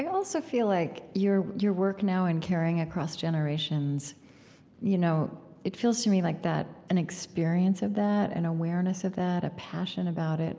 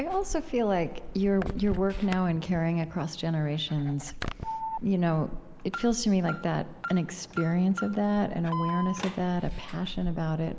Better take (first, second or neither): first